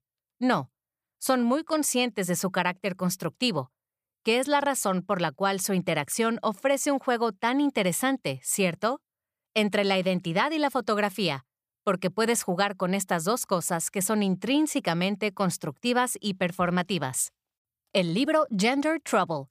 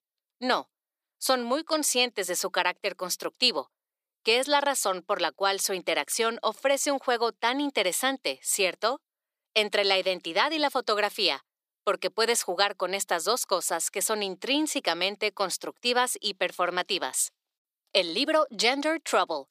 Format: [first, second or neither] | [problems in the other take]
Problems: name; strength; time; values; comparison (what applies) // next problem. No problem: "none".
first | thin; somewhat; fading below 300 Hz